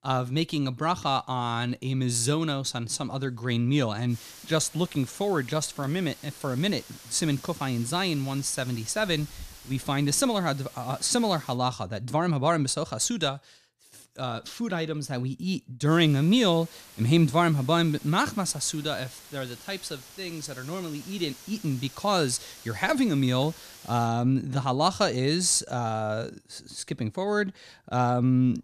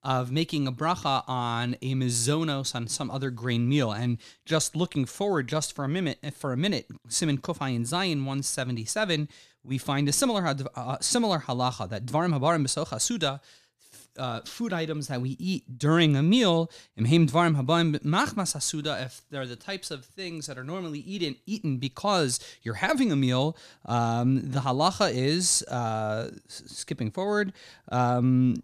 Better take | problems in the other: second | hiss; noticeable; from 4 to 12 s and from 16 to 24 s; 20 dB below the speech

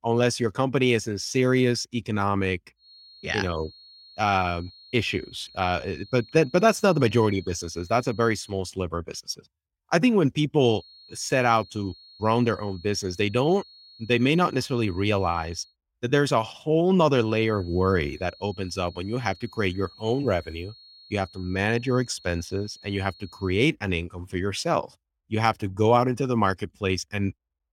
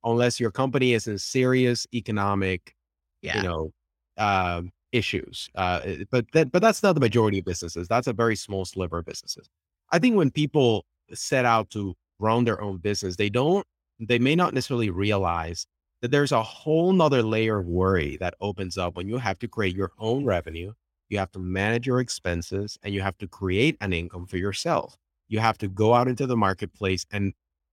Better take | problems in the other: second | high-pitched whine; faint; from 3 to 8.5 s, from 11 to 16 s and from 17 to 24 s; 4.5 kHz, 25 dB below the speech

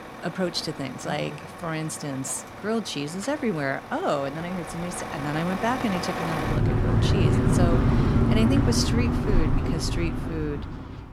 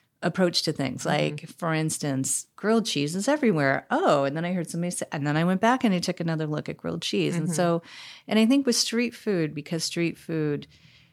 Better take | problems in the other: second | traffic noise; very loud; throughout; 4 dB above the speech

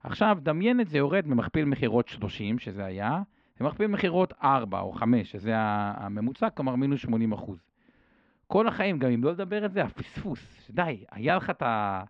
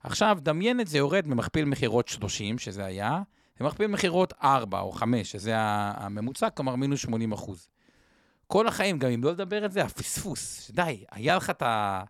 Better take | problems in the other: second | muffled; very; fading above 3 kHz

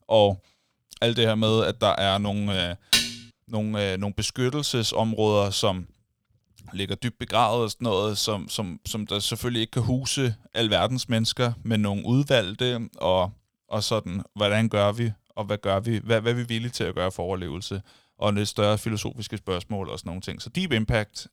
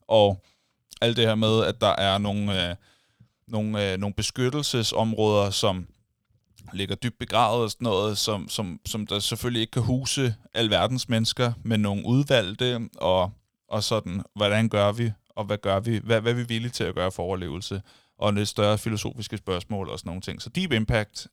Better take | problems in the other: second | clattering dishes; loud; at 3 s; peak 4 dB above the speech

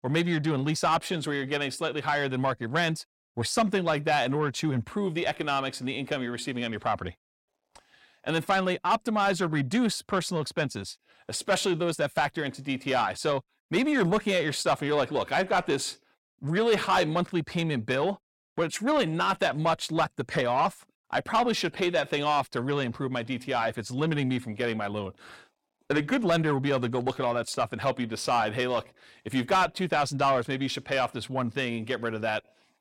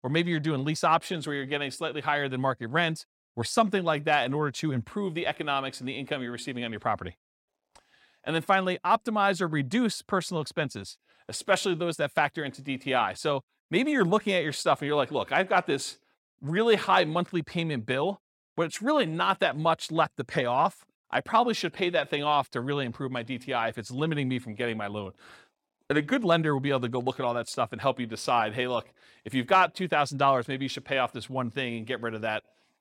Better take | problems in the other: second | distortion; slight; 10 dB below the speech

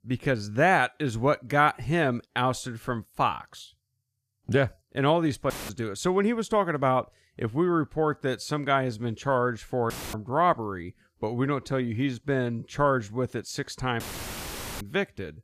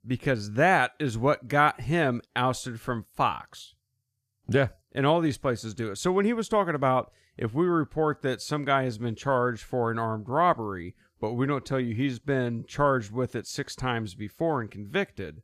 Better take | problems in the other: second | audio cutting out; filled with static; at 5.5 s, at 10 s and at 14 s for 1 s

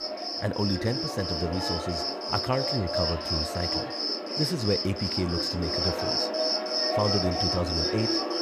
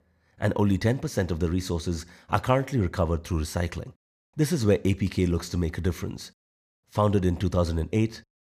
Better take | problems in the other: second | animal sounds; very loud; throughout; 3 dB above the speech

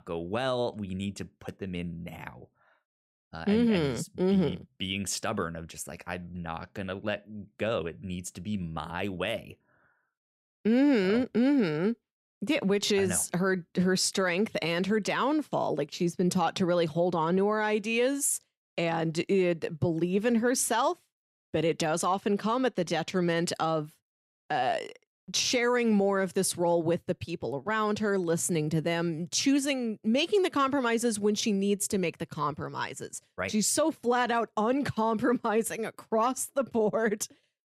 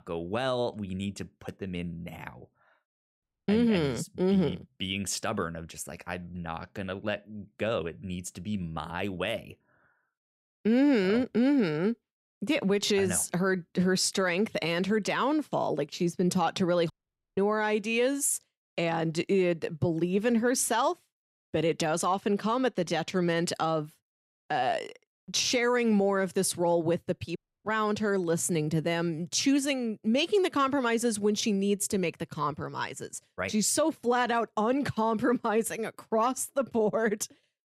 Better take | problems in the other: first | audio cutting out; at 3 s, at 17 s and at 27 s

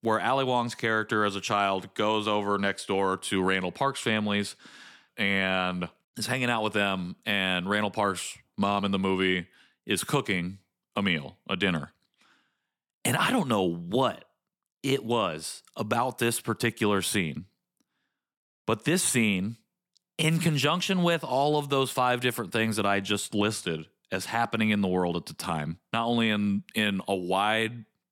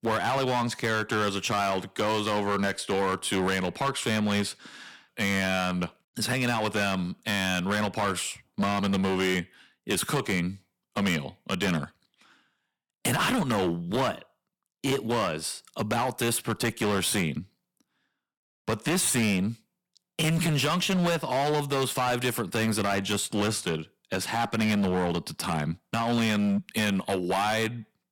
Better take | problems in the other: first | distortion; heavy; 14% of the sound clipped

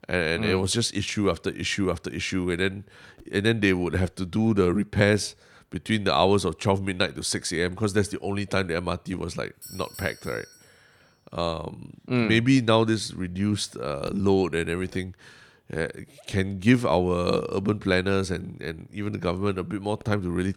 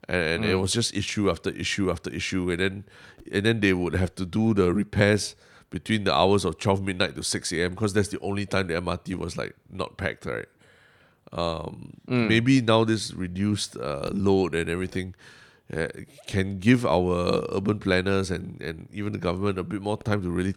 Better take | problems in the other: second | doorbell; faint; from 9.5 to 11 s; peak 15 dB below the speech

